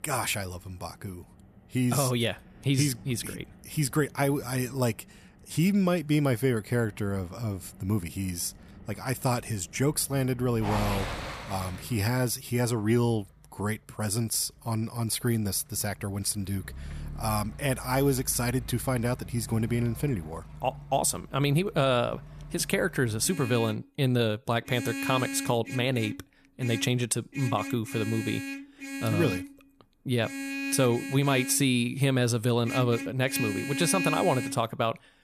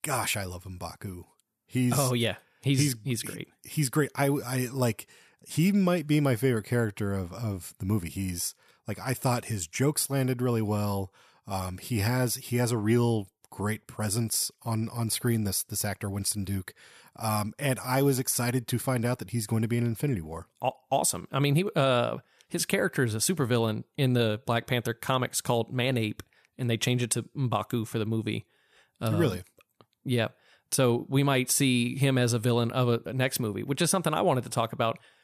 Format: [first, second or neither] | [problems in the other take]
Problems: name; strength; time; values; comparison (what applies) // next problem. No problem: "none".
second | traffic noise; loud; throughout; 9 dB below the speech